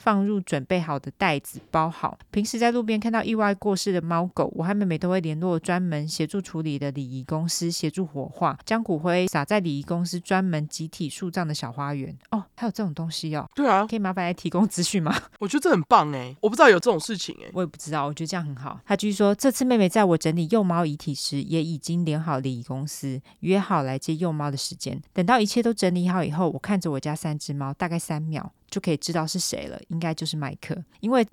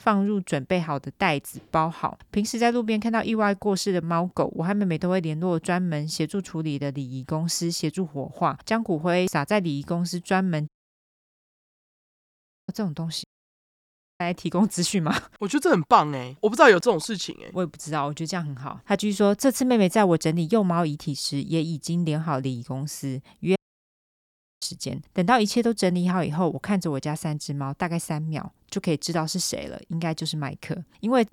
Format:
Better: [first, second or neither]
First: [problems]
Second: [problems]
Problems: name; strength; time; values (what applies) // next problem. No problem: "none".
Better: first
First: none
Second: audio cutting out; at 11 s for 2 s, at 13 s for 1 s and at 24 s for 1 s